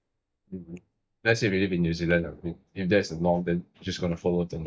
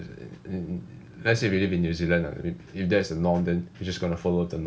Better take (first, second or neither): second